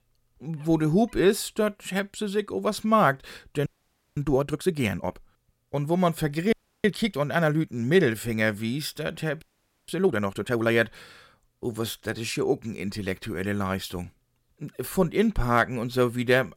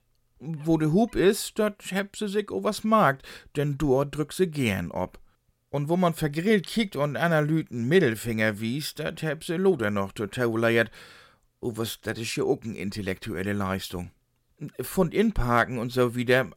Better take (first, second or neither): second